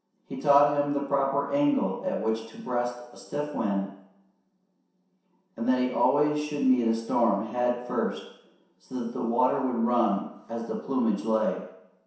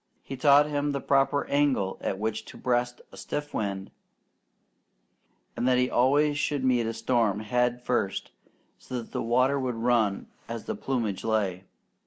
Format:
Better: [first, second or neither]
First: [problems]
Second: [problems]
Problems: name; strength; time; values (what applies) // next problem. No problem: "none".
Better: second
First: room echo; dies away in 0.7 s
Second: none